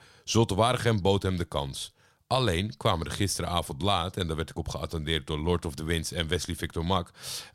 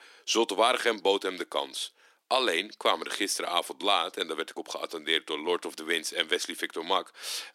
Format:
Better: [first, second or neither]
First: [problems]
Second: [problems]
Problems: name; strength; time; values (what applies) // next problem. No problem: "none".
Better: first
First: none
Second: thin; very; fading below 300 Hz